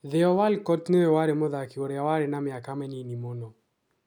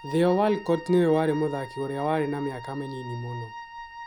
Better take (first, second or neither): first